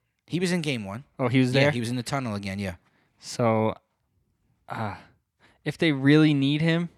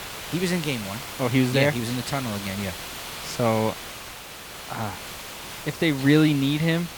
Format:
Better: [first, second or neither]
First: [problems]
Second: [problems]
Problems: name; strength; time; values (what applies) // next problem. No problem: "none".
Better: first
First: none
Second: hiss; noticeable; throughout; 10 dB below the speech